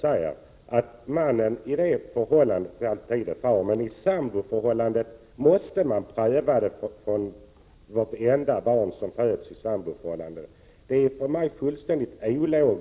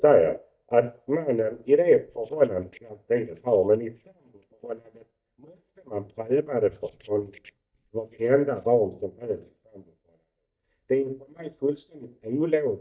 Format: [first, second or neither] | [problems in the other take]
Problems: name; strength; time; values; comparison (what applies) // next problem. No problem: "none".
first | noise reduction (neural mask model DeepFilterNet 3)